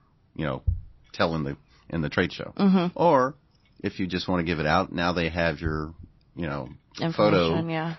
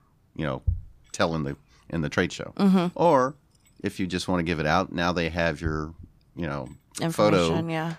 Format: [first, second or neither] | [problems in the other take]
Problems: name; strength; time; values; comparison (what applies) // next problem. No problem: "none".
second | garbled, watery; slightly; nothing above 5.5 kHz